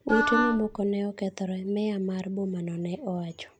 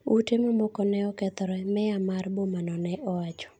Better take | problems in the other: second | background sound (Wind instrument, woodwind instrument); as loud as the speech

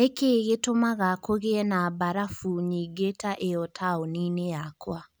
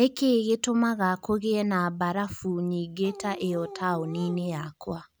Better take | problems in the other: first | background sound (Dog); 15 dB below the speech

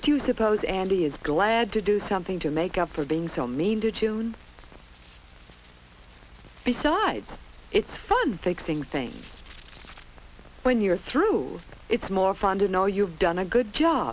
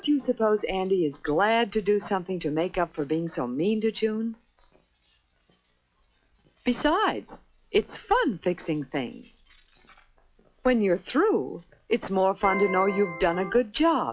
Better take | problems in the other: first | noise reduction (classical method log-MMSE)

